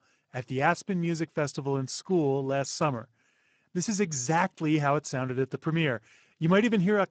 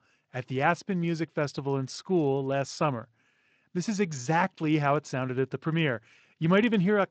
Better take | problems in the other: second | garbled, watery; badly; nothing above 7.5 kHz; slightly in the second

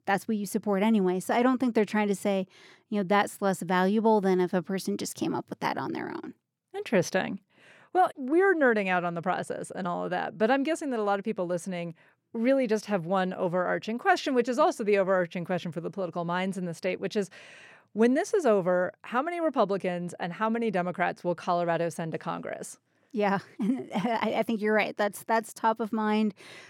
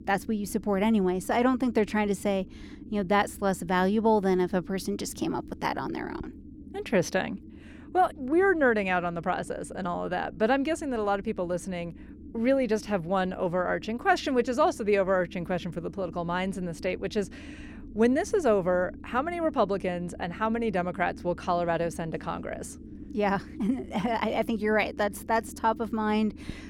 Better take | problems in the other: first | low rumble; faint; throughout; 25 dB below the speech

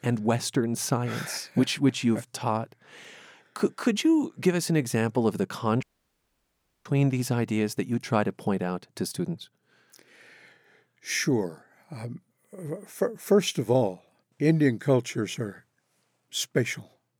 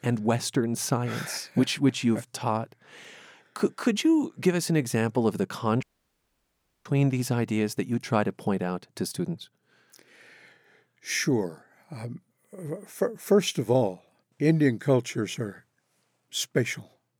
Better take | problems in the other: neither | audio cutting out; at 6 s for 1 s; the same in both

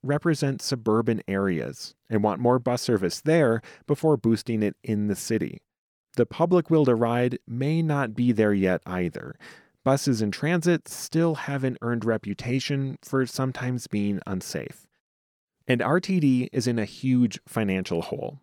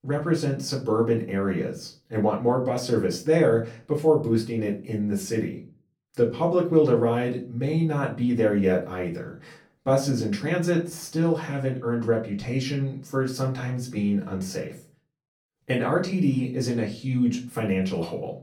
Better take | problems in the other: first | off-mic speech; far // room echo; very slight; dies away in 0.3 s

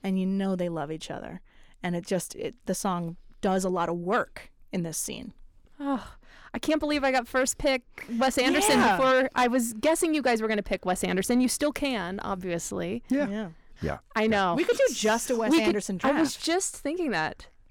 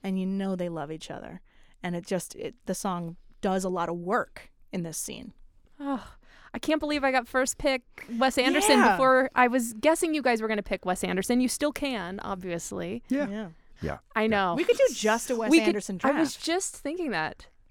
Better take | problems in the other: second | distortion; slight; 10 dB below the speech

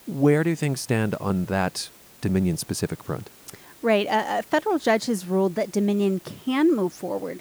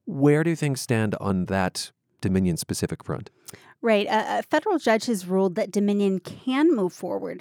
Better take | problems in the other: second | hiss; faint; throughout; 25 dB below the speech

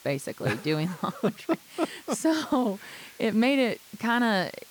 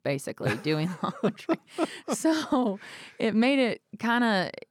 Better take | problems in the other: second | hiss; faint; throughout; 20 dB below the speech

